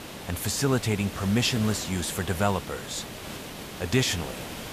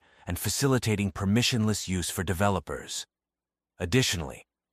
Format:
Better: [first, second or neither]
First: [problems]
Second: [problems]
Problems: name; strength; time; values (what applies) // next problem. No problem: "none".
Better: second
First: hiss; noticeable; throughout; 10 dB below the speech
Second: none